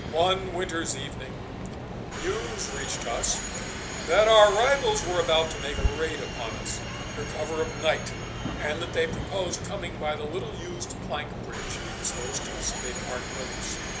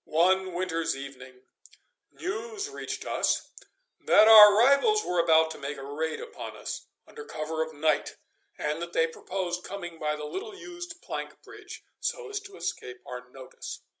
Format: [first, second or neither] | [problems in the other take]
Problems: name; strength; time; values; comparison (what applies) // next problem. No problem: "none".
second | background sound (Subway, metro, underground); 5 dB below the speech